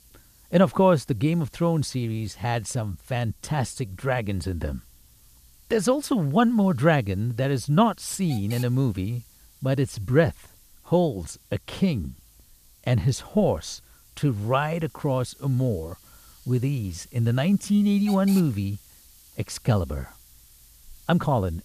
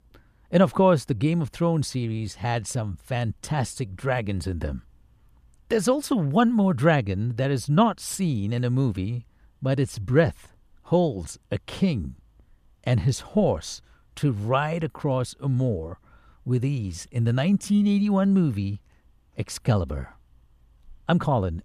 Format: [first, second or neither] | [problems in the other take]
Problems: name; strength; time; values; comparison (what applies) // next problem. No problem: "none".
second | hiss; faint; throughout; 25 dB below the speech